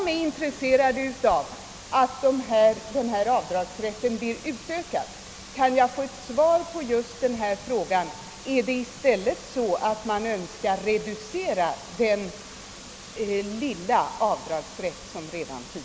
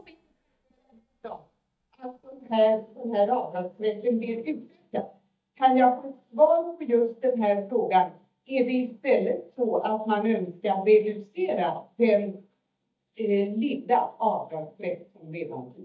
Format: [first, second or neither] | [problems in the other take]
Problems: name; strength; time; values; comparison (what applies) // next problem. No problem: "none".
first | noise reduction (neural mask model DeepFilterNet 3)